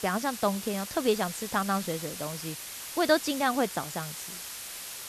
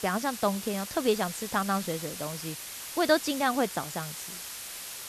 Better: neither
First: hiss; loud; throughout; 8 dB below the speech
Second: hiss; loud; throughout; 8 dB below the speech

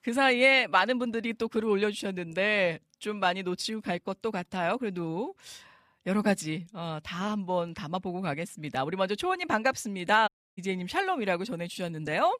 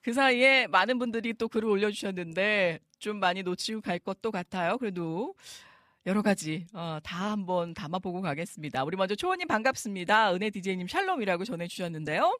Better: second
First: audio cutting out; at 10 s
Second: none

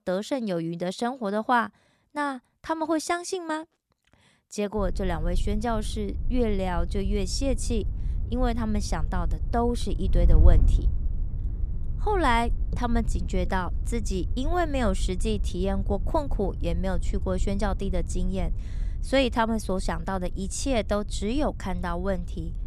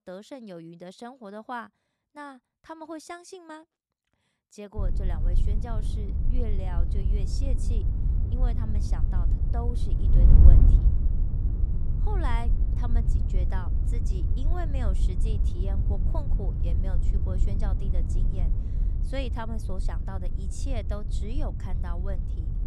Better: first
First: wind noise on the microphone; occasional gusts; from 5 s on; 20 dB below the speech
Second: wind noise on the microphone; heavy; from 5 s on; 3 dB below the speech

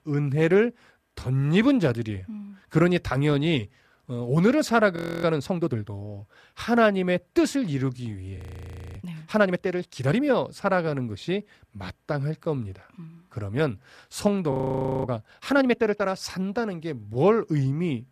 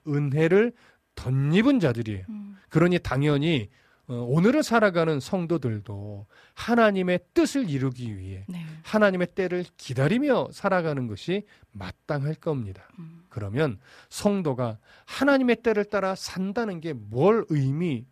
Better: second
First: audio freezing; at 5 s, at 8.5 s for 0.5 s and at 15 s for 0.5 s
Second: none

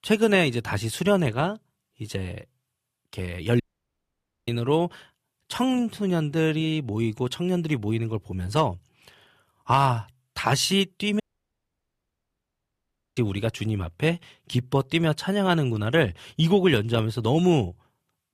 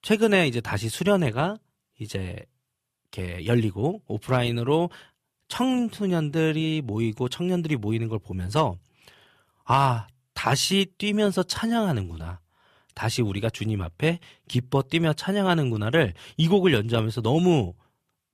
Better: second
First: audio cutting out; at 3.5 s for 1 s and at 11 s for 2 s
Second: none

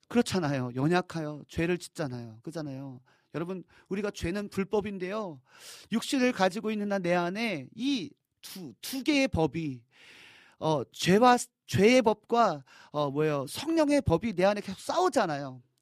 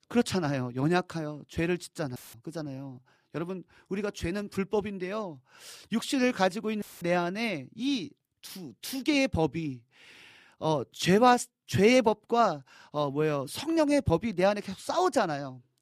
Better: first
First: none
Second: audio cutting out; filled with static; at 2 s and at 7 s

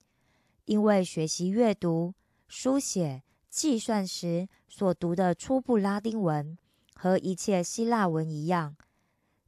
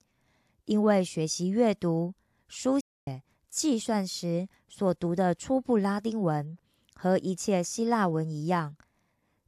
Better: first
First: none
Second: audio cutting out; at 3 s

